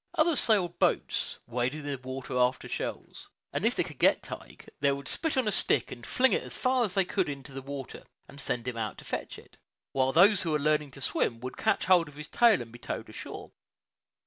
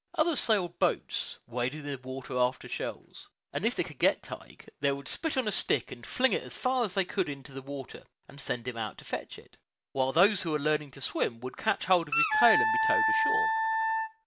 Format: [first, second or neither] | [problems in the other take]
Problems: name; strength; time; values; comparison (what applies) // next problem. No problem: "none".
first | background sound (Wind instrument, woodwind instrument); 4 dB above the speech